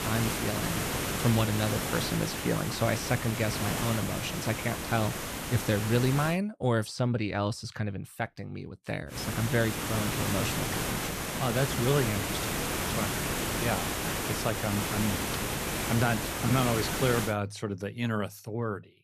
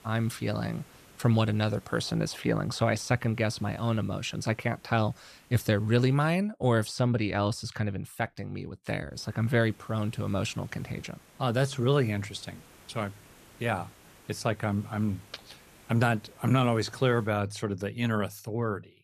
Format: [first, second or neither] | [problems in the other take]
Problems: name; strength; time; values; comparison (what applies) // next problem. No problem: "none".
second | hiss; loud; until 6.5 s and from 9 to 17 s; 1 dB below the speech; faint in the second